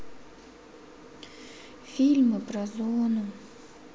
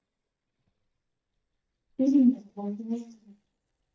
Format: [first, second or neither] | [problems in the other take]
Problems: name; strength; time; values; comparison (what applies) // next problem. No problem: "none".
first | noise reduction (neural mask model DeepFilterNet 3)